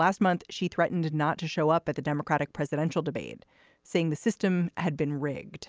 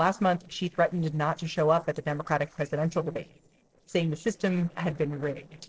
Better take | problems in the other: first | noise reduction (neural separator model SepFormer DNS4)

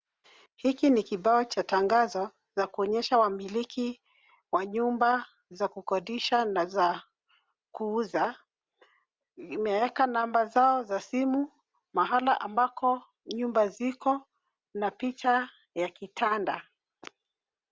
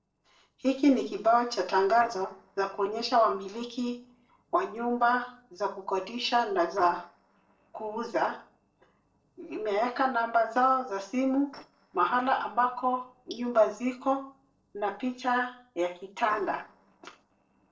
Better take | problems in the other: first | noise reduction (neural separator model SepFormer DNS4)

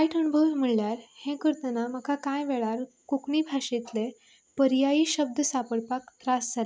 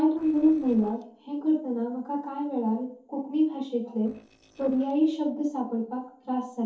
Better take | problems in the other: first | noise reduction (neural separator model SepFormer DNS4)

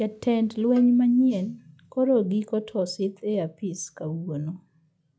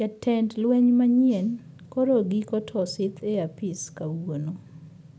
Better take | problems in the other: second | noise reduction (classical method log-MMSE)

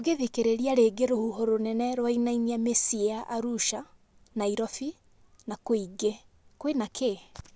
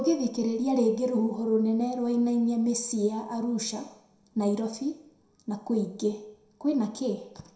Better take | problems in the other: first | room echo; dies away in 0.6 s

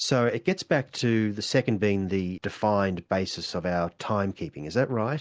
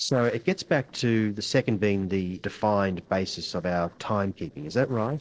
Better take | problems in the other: first | noise reduction (neural separator model SepFormer DNS4)

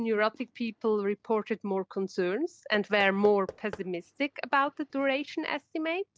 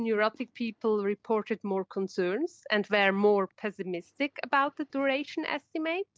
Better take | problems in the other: second | background sound (Knock / Wood); 18 dB below the speech

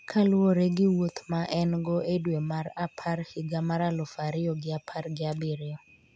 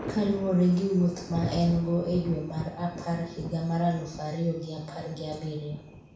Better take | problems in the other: first | background sound (Thunder); 12 dB below the speech // room echo; dies away in 0.6 s

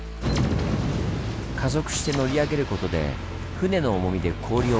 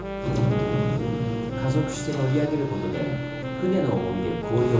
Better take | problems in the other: first | background sound (Wind instrument, woodwind instrument); 7 dB below the speech // room echo; dies away in 0.6 s

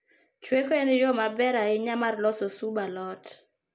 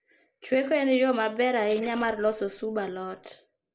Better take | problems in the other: first | noise reduction (neural mask model Resemble Enhance denoiser)

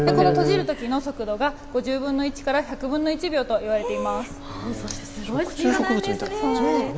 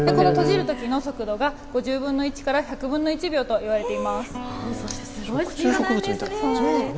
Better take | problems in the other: first | background sound (Guitar); 19 dB below the speech

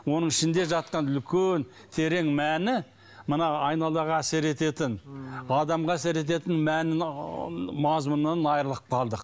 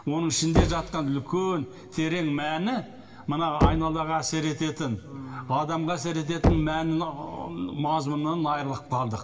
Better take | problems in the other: first | background sound (Knock); 4 dB below the speech // room echo; dies away in 1.3 s

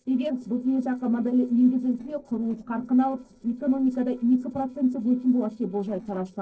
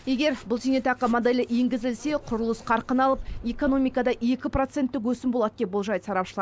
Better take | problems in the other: second | noise reduction (neural separator model SepFormer DNS4)

